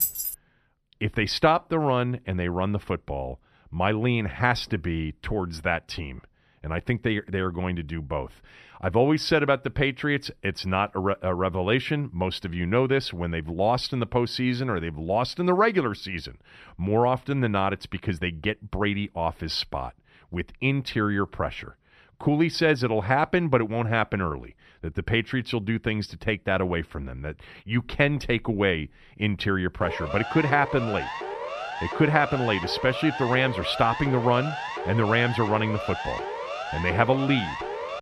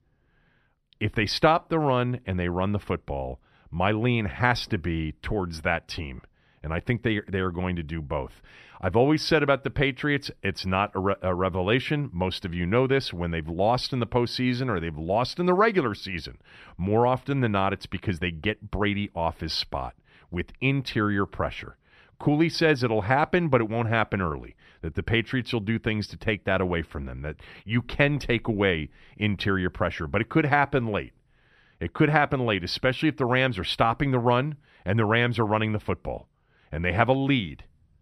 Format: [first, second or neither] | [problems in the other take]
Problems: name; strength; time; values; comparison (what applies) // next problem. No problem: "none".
second | jangling keys; loud; at the start; peak 1 dB above the speech // siren; noticeable; from 30 s on; peak 6 dB below the speech